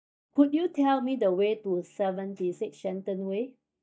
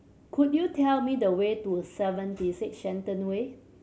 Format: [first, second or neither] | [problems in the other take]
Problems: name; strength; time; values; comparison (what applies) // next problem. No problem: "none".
second | noise reduction (neural mask model DeepFilterNet 3)